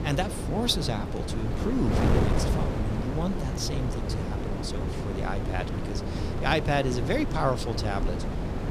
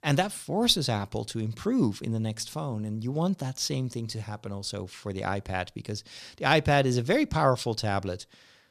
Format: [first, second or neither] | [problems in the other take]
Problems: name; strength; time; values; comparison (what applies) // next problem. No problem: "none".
second | wind noise on the microphone; heavy; 4 dB below the speech